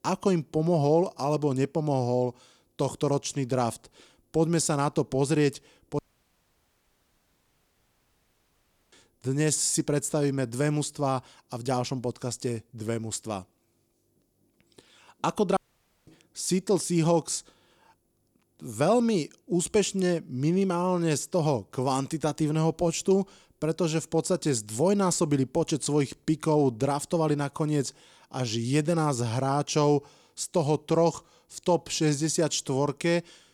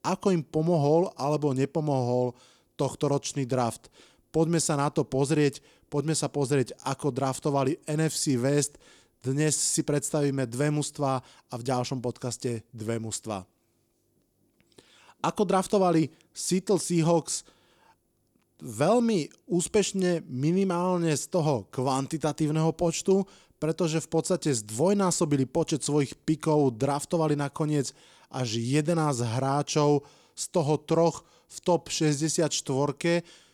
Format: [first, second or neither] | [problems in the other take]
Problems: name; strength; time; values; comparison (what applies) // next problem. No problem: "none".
second | audio cutting out; at 6 s for 3 s and at 16 s for 0.5 s